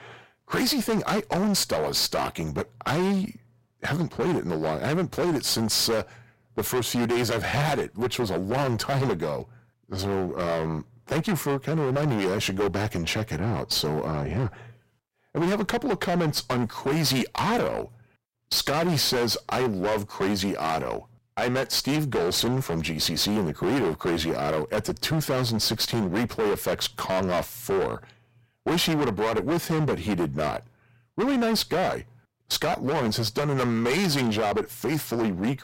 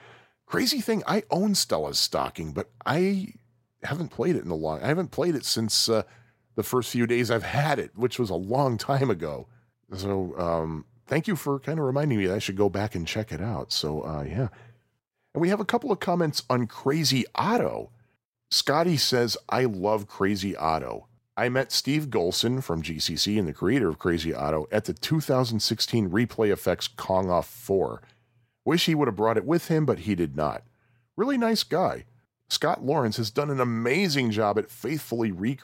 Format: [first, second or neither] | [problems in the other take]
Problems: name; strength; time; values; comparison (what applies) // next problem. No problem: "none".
second | distortion; heavy; 23% of the sound clipped